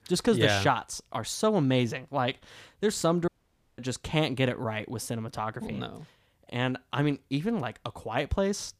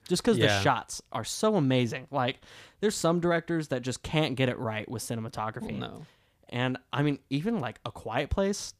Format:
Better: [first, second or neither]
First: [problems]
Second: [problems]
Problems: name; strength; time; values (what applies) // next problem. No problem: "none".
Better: second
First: audio cutting out; at 3.5 s for 0.5 s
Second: none